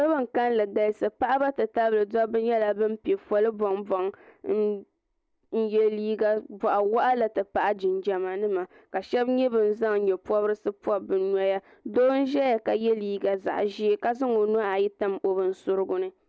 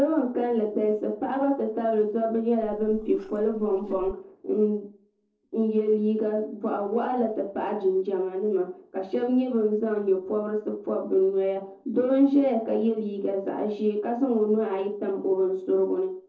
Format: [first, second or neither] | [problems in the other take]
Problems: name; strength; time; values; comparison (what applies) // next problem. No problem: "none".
first | noise reduction (neural separator model SepFormer DNS4)